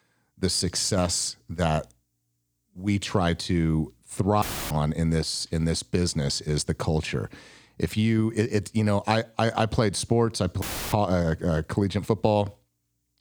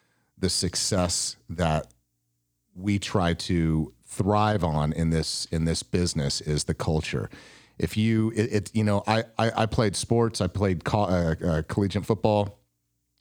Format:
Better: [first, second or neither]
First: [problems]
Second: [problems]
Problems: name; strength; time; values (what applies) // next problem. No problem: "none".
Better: second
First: audio cutting out; filled with static; at 4.5 s and at 11 s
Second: none